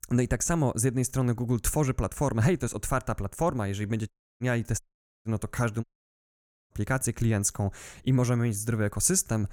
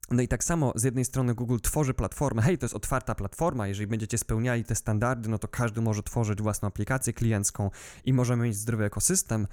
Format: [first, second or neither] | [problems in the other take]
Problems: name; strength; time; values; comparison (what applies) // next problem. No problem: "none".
second | audio cutting out; at 4 s, at 5 s and at 6 s for 1 s